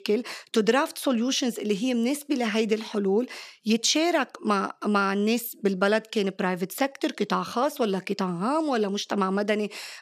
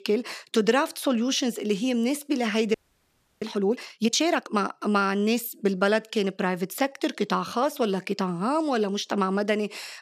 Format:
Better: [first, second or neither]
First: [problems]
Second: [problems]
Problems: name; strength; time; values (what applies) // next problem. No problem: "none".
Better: first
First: none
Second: audio freezing; at 2.5 s for 0.5 s